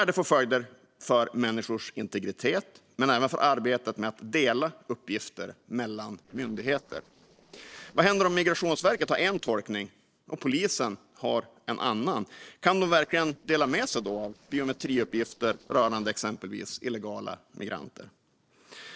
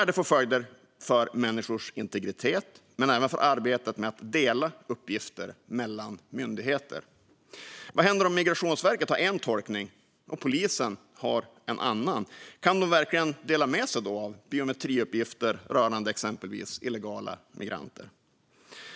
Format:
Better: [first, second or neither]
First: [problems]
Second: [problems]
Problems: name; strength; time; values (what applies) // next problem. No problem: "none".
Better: second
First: noise reduction (neural separator model SepFormer DNS4)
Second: none